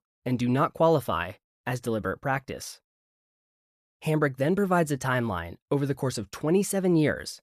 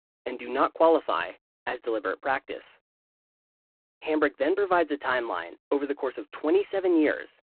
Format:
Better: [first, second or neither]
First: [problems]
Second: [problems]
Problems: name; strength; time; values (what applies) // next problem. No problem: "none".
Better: first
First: none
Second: phone-call audio; poor line; nothing above 4 kHz